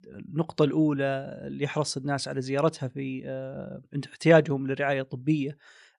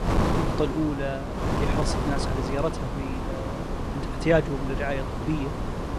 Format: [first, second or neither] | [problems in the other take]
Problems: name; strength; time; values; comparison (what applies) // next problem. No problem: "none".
first | wind noise on the microphone; heavy; 2 dB below the speech